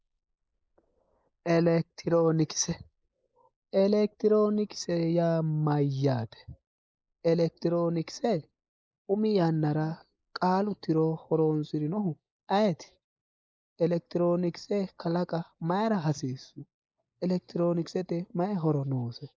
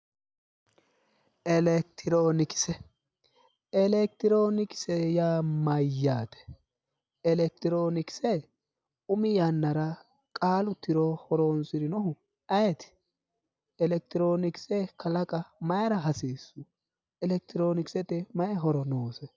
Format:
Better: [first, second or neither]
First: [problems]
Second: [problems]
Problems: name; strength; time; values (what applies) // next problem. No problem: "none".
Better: second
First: noise reduction (neural mask model Resemble Enhance denoiser)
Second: none